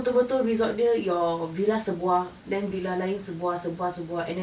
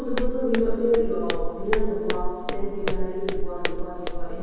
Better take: first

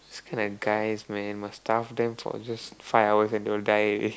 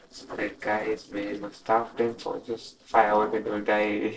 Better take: first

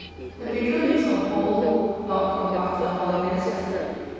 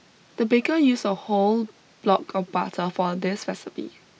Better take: second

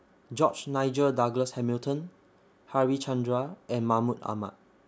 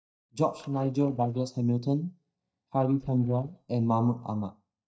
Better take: first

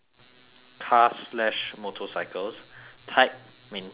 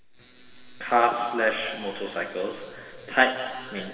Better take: first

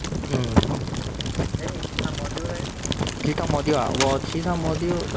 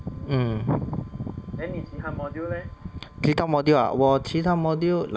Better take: second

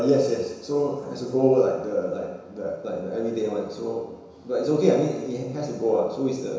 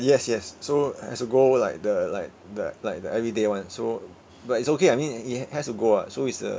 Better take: second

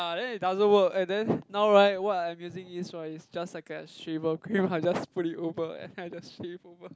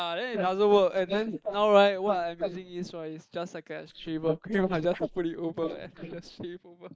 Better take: first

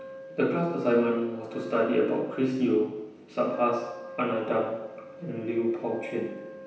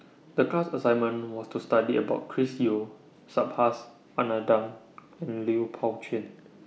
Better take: second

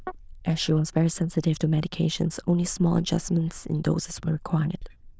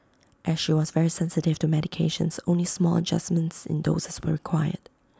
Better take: second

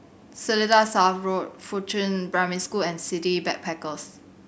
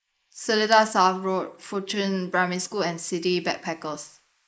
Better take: first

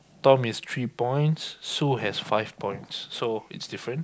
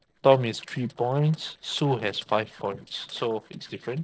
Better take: first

